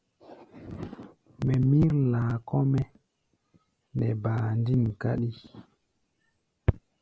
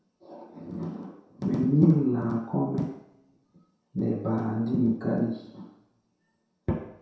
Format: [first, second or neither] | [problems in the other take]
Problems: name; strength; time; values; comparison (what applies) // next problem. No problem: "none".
first | room echo; dies away in 0.7 s